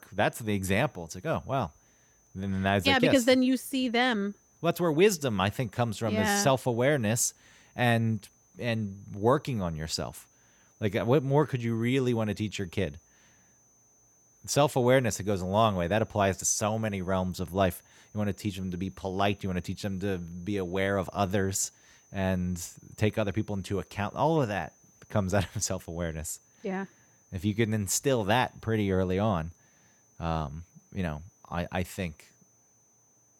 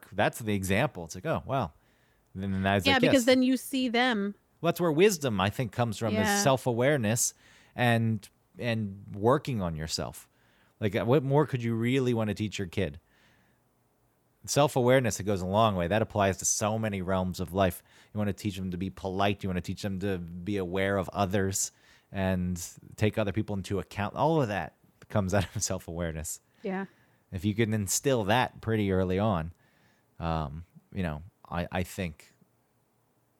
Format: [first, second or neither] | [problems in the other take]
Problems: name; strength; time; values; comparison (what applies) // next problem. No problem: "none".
second | high-pitched whine; faint; throughout; 6 kHz, 35 dB below the speech